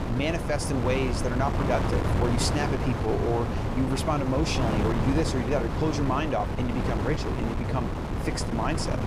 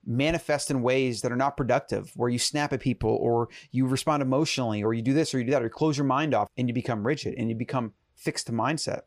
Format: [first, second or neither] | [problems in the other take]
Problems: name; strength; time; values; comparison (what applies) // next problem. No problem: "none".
second | wind noise on the microphone; heavy; 2 dB below the speech